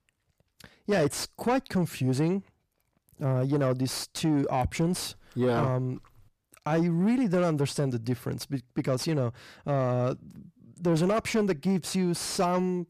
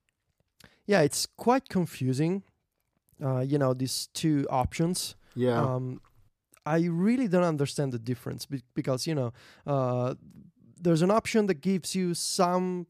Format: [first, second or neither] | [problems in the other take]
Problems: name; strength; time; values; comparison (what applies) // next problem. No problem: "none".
second | distortion; slight; 10 dB below the speech